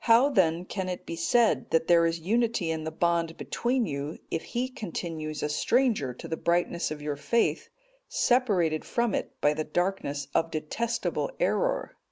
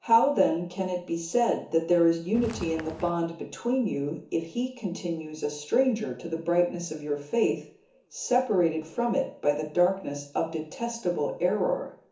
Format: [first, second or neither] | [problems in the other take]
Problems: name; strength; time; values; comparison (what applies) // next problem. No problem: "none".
first | background sound (Walk, footsteps); 11 dB below the speech // room echo; dies away in 0.7 s